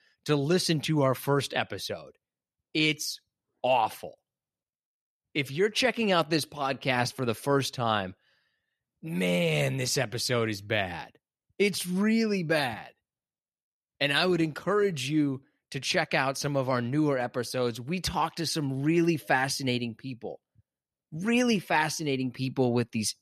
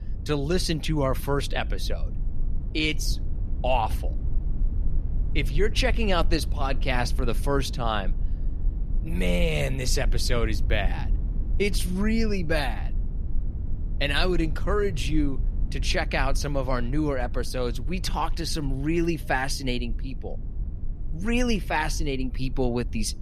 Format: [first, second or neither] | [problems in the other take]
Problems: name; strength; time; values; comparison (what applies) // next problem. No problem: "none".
first | low rumble; faint; throughout; 20 dB below the speech